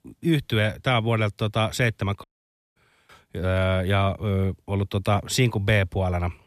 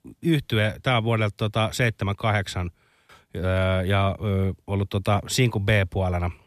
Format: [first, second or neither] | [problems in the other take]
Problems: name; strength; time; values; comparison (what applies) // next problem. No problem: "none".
second | audio cutting out; at 2 s for 0.5 s